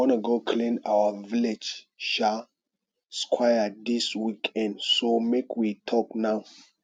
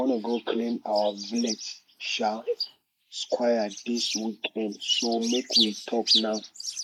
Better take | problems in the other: first | noise reduction (neural mask model Resemble Enhance denoiser)

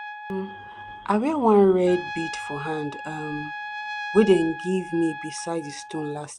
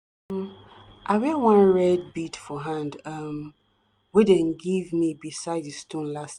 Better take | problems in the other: second | background sound (Trumpet); 12 dB below the speech

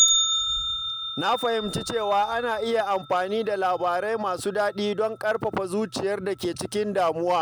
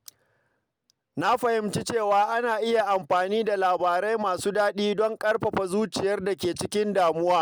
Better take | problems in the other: second | background sound (Bell); 5 dB below the speech

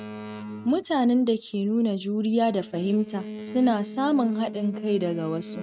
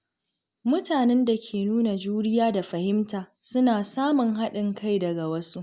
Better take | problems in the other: second | noise reduction (neural mask model RNNoise)

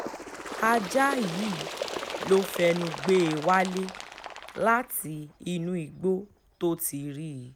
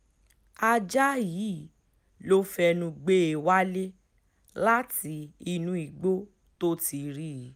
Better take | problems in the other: second | background sound (Bird); 10 dB below the speech

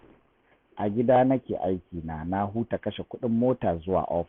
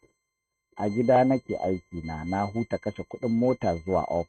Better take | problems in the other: first | noise reduction (neural mask model RNNoise)

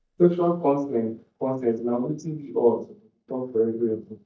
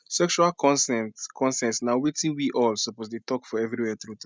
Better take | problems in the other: second | noise reduction (neural mask model DeepFilterNet 3)

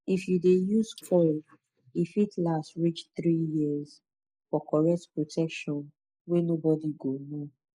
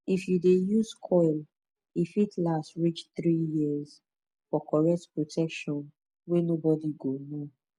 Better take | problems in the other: second | noise reduction (neural mask model Resemble Enhance denoiser)

